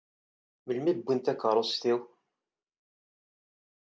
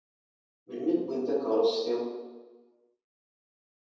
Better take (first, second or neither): first